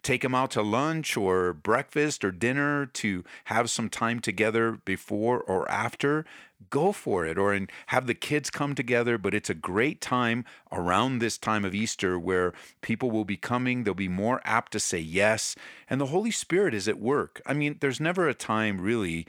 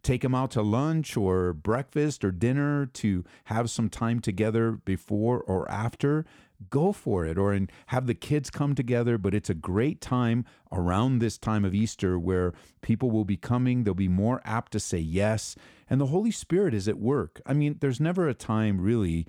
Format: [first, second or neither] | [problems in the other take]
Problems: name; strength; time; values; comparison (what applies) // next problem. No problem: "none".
second | thin; somewhat; fading below 600 Hz